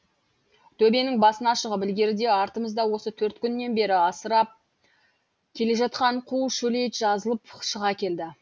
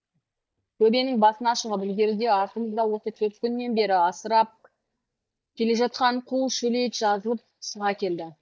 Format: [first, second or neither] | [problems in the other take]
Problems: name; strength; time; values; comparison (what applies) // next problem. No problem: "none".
first | noise reduction (neural mask model DeepFilterNet 3)